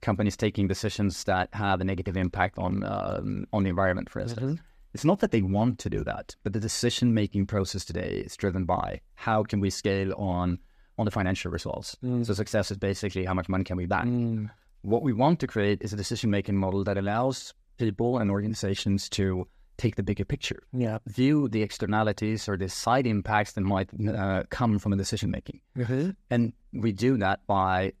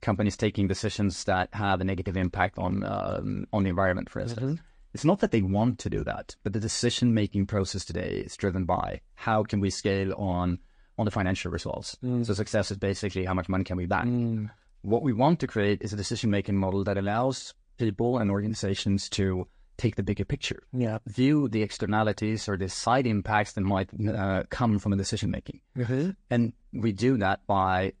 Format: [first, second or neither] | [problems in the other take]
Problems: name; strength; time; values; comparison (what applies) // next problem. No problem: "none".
first | garbled, watery; slightly; nothing above 9 kHz